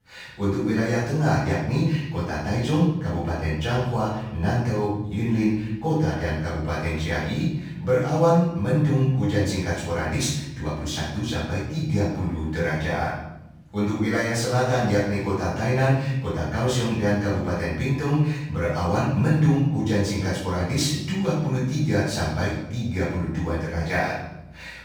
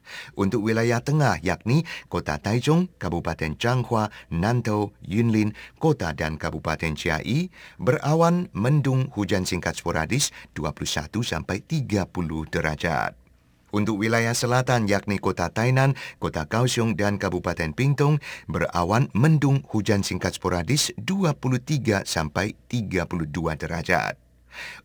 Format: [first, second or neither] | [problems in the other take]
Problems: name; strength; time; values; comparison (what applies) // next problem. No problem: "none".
second | off-mic speech; far // room echo; noticeable; dies away in 0.9 s